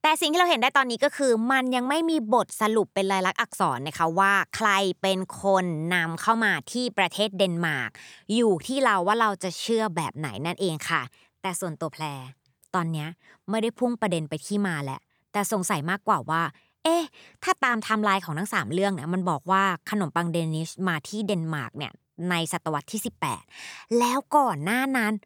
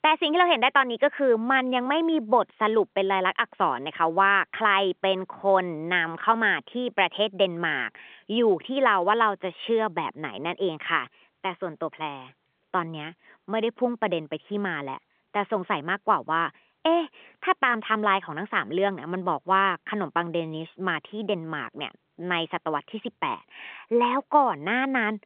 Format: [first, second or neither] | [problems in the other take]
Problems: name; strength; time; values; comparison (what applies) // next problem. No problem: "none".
first | phone-call audio; nothing above 3.5 kHz